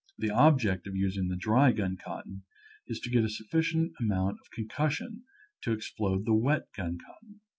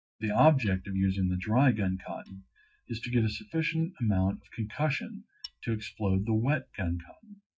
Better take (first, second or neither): first